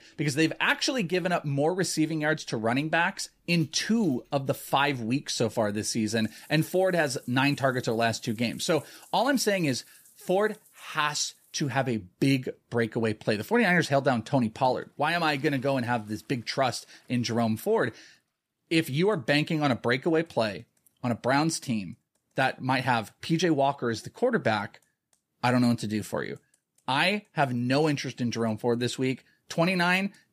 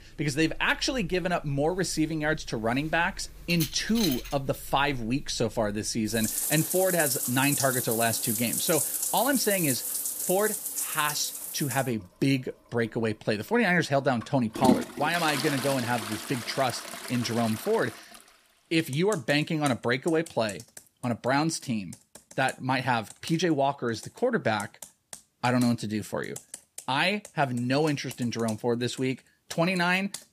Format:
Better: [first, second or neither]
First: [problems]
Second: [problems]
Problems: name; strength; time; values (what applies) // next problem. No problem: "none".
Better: first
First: household noises; faint; throughout; 30 dB below the speech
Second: household noises; loud; throughout; 3 dB below the speech